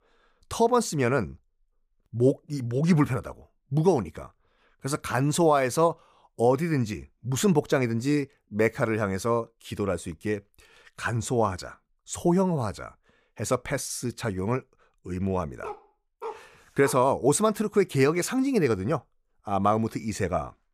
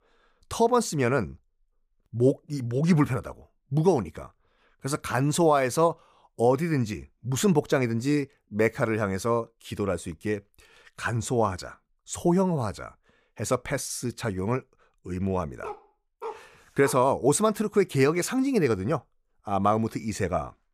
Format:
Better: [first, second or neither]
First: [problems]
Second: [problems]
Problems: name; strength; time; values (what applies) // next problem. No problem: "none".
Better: neither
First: dog barking; faint; from 16 to 17 s; peak 15 dB below the speech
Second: dog barking; faint; from 16 to 17 s; peak 15 dB below the speech